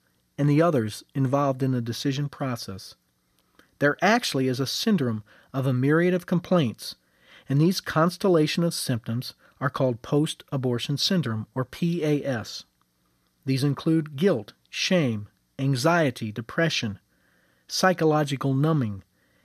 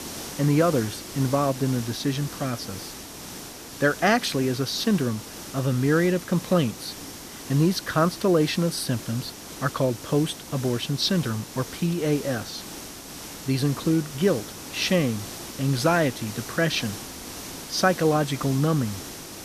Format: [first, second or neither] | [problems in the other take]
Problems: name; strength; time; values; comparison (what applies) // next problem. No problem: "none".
first | hiss; noticeable; throughout; 10 dB below the speech